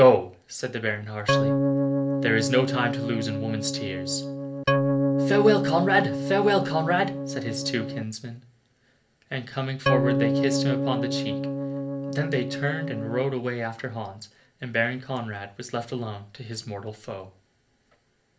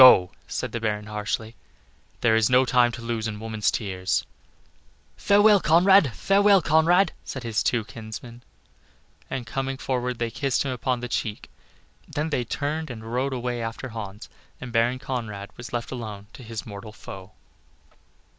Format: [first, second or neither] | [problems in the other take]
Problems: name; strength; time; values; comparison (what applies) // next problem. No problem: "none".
second | background sound (Organ); 1 dB above the speech // room echo; dies away in 0.3 s